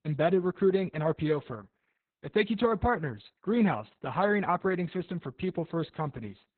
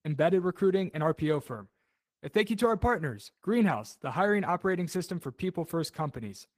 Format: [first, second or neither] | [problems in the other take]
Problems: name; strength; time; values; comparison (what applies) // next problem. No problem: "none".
second | garbled, watery; badly; nothing above 4 kHz; slightly in the second